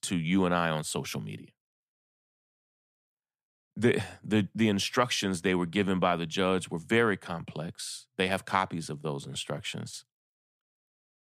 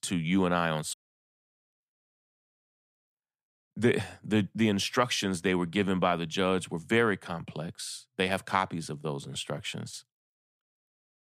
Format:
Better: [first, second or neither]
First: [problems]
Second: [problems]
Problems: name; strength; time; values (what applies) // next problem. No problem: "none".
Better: first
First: none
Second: audio cutting out; at 1 s for 0.5 s